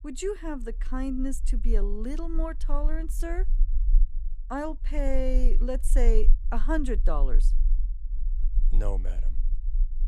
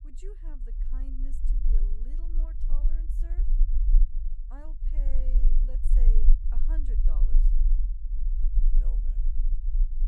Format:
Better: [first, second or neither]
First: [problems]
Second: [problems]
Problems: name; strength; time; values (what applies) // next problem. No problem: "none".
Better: first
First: low rumble; faint; throughout; 20 dB below the speech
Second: low rumble; loud; throughout; 1 dB below the speech